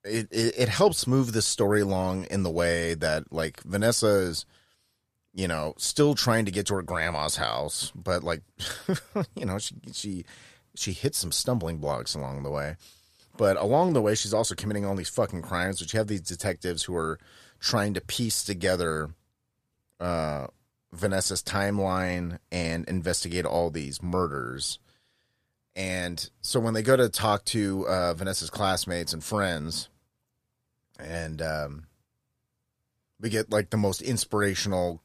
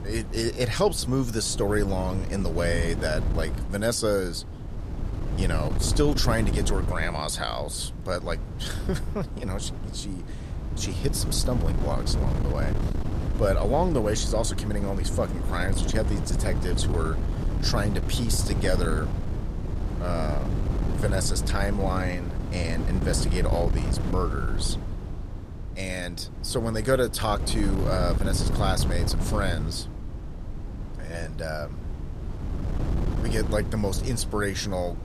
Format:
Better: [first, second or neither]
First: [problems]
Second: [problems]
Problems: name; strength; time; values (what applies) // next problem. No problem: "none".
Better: first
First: none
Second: wind noise on the microphone; heavy; 10 dB below the speech